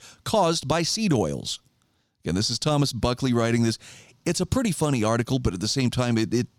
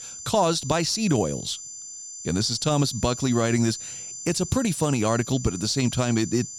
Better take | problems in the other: first | high-pitched whine; noticeable; throughout; 7 kHz, 10 dB below the speech

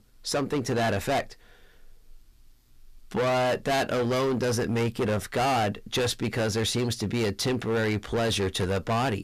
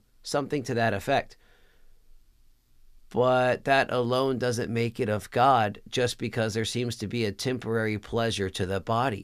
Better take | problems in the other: second | distortion; heavy; 20% of the sound clipped

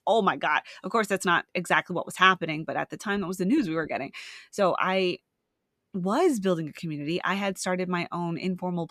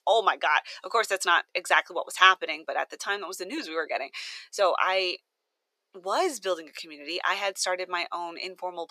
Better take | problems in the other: first | thin; very; fading below 450 Hz

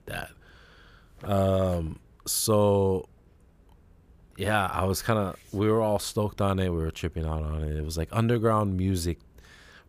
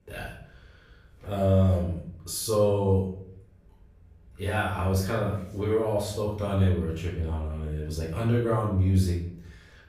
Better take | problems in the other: first | off-mic speech; far // room echo; noticeable; dies away in 0.6 s

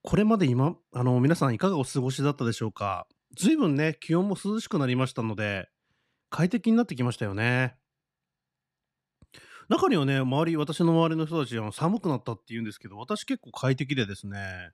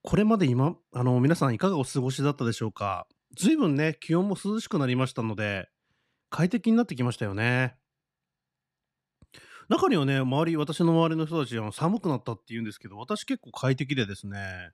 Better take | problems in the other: neither | none

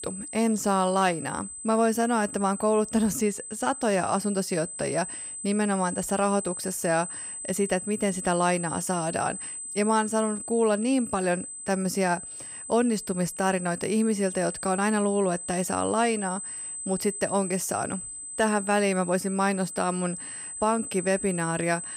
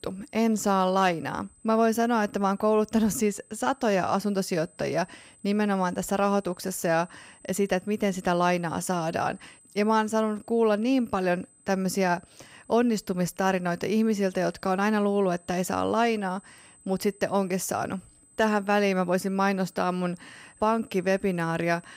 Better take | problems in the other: second | high-pitched whine; loud; throughout; 8 kHz, 8 dB below the speech; faint in the second

